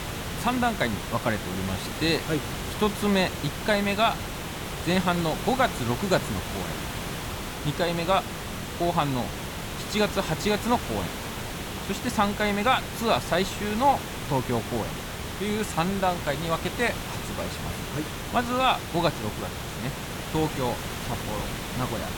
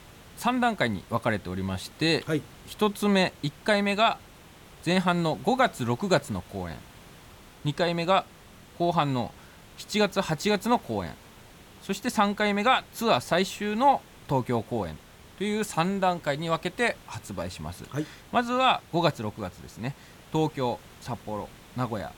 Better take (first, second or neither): second